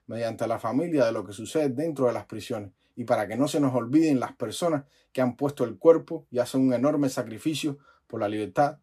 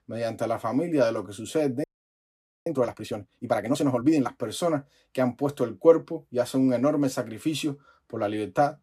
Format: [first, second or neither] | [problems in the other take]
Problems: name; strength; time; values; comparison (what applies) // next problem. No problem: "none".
first | audio freezing; at 2 s for 1 s